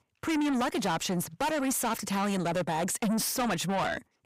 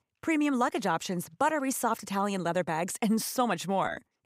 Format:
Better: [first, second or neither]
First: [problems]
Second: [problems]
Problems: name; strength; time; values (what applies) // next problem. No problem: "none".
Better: second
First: distortion; heavy; 6 dB below the speech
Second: none